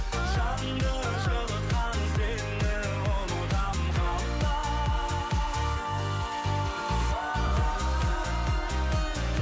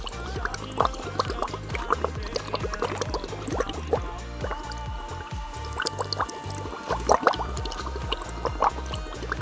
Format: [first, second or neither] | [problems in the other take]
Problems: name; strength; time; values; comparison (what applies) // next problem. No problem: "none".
first | background sound (Liquid); 3 dB above the speech